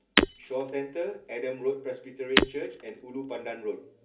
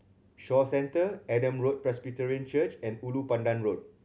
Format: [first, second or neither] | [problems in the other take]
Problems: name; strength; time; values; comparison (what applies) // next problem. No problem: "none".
second | background sound (Shatter); 4 dB above the speech // room echo; dies away in 0.3 s